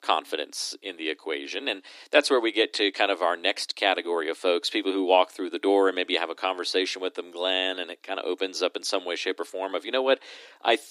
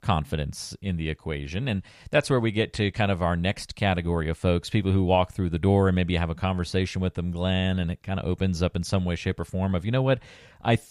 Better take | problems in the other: second | thin; very; fading below 300 Hz

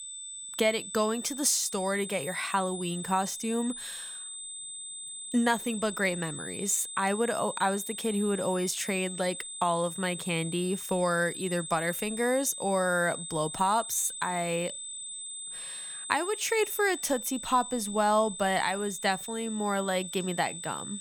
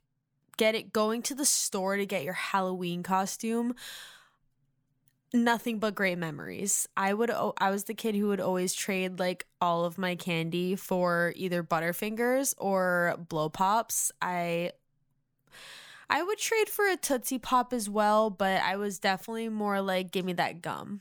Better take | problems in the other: second | high-pitched whine; loud; throughout; 8 kHz, 8 dB below the speech

